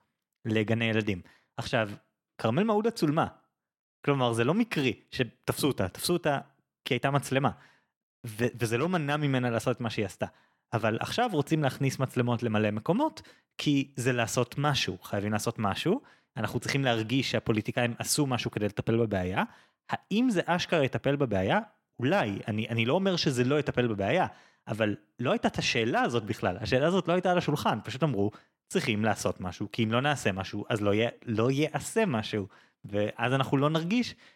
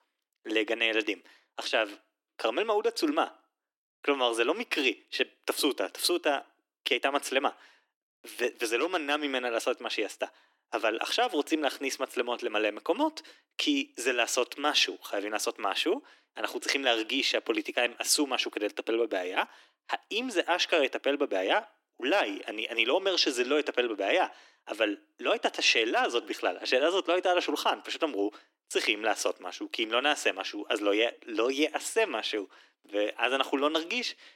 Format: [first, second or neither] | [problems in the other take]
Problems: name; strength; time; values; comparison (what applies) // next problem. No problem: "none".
first | thin; somewhat; fading below 300 Hz